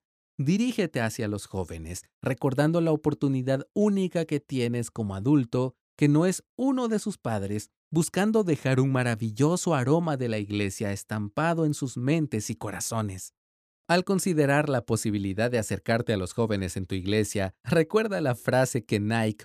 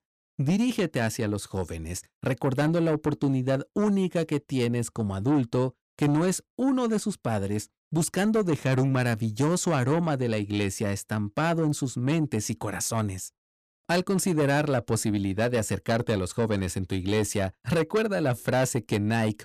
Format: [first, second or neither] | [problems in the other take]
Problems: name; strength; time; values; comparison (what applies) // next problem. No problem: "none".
first | distortion; slight; 10 dB below the speech